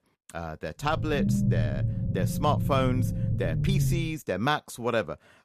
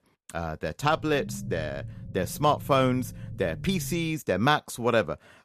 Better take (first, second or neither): second